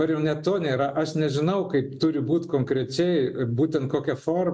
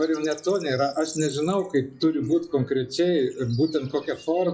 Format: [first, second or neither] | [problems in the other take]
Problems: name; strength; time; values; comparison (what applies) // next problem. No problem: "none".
first | noise reduction (classical method log-MMSE)